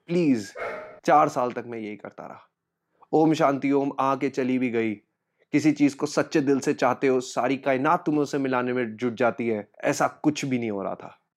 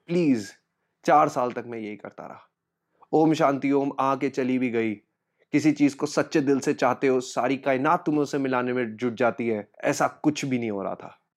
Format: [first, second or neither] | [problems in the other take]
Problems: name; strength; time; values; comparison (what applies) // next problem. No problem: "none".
second | dog barking; noticeable; at 0.5 s; peak 10 dB below the speech